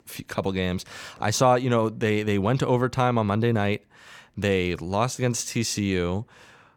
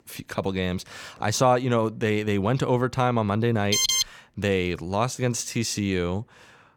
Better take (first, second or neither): first